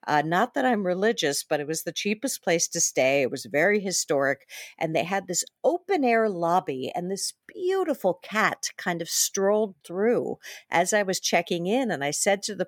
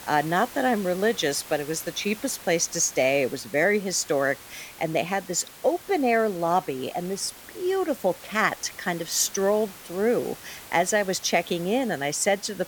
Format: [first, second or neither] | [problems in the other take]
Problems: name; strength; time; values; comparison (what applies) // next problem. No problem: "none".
first | hiss; noticeable; throughout; 15 dB below the speech